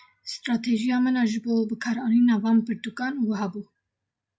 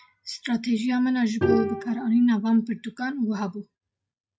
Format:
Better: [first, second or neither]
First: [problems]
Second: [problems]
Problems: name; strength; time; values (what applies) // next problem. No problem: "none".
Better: first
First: none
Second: noise reduction (neural mask model RNNoise)